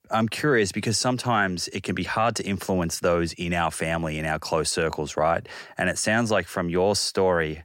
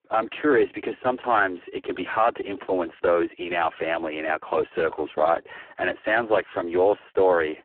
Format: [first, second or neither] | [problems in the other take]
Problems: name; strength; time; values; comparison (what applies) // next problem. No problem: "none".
first | phone-call audio; poor line